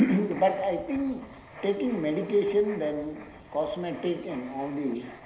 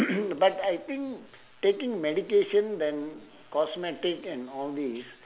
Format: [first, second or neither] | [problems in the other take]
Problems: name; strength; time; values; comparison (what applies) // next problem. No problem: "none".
second | background sound (Writing); 19 dB below the speech // room echo; dies away in 0.9 s